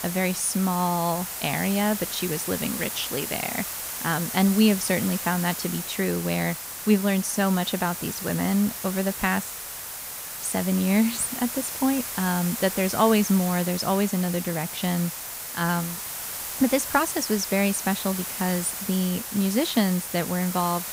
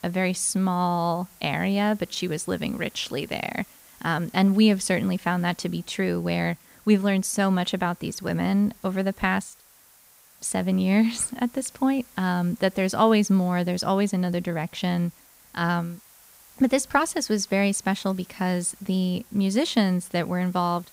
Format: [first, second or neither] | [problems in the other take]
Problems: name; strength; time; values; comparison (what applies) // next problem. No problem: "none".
second | hiss; loud; throughout; 6 dB below the speech; faint in the second